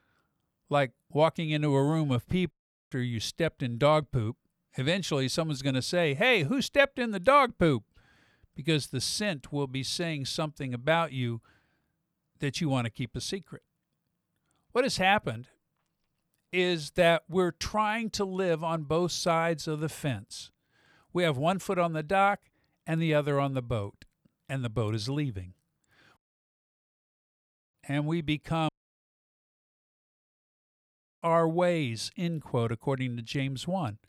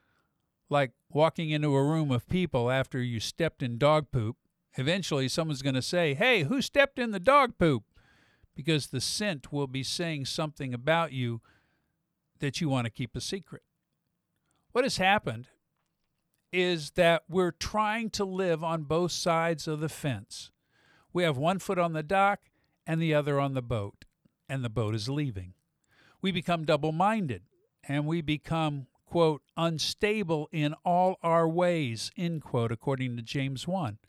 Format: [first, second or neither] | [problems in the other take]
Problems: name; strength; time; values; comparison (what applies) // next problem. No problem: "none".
second | audio cutting out; at 2.5 s, at 26 s for 1.5 s and at 29 s for 2.5 s